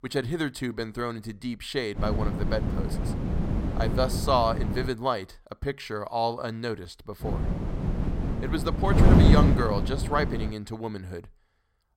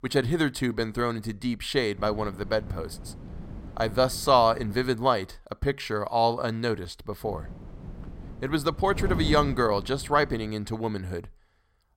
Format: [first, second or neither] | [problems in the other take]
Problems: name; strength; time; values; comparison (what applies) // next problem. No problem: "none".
second | wind noise on the microphone; heavy; from 2 to 5 s and from 7 to 11 s; 4 dB below the speech; occasional gusts in the second